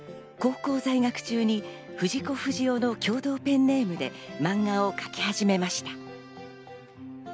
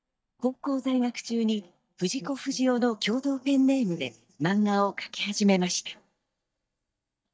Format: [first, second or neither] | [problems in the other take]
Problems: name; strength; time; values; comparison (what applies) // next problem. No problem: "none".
first | noise reduction (neural mask model DeepFilterNet 3)